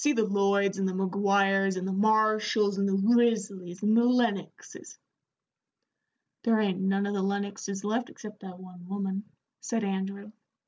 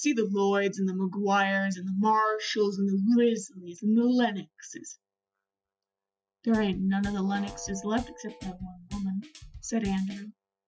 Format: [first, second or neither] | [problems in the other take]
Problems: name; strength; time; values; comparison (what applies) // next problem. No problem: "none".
first | noise reduction (classical method Wiener filter)